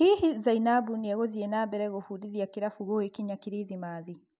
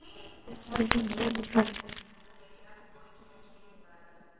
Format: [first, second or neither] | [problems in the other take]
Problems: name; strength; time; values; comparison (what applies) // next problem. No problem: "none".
first | noise reduction (neural separator model SepFormer WHAMR!)